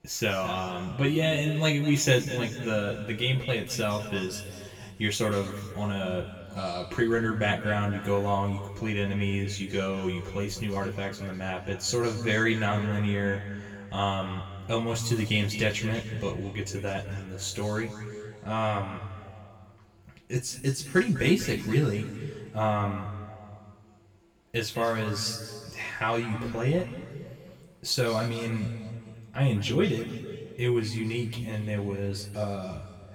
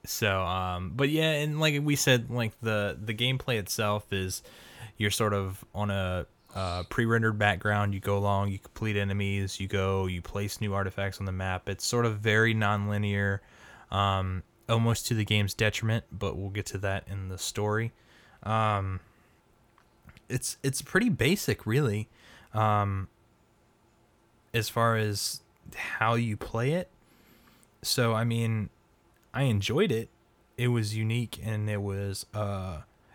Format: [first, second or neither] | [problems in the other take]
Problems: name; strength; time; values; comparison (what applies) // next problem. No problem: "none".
second | room echo; noticeable; dies away in 2 s // off-mic speech; far